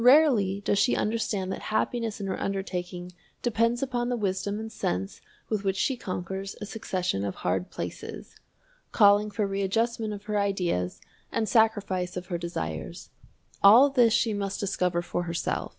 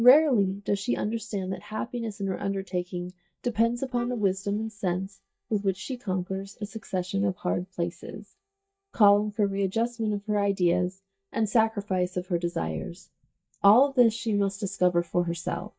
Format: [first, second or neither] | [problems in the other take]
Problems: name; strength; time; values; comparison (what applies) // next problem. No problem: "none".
first | noise reduction (neural mask model DeepFilterNet 3)